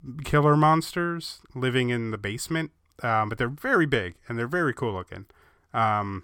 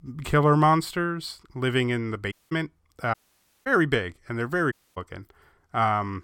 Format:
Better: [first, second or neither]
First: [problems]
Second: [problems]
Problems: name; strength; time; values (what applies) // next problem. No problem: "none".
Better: first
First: none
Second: audio cutting out; at 2.5 s, at 3 s for 0.5 s and at 4.5 s